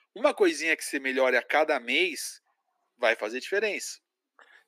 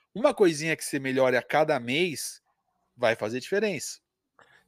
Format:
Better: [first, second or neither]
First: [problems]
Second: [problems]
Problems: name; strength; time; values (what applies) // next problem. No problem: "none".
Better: second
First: thin; very slightly; fading below 250 Hz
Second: none